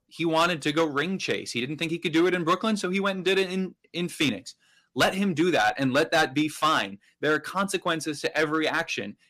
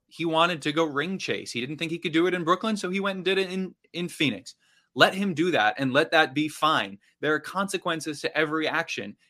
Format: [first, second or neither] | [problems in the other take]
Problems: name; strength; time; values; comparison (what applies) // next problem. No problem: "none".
second | distortion; slight; 3% of the sound clipped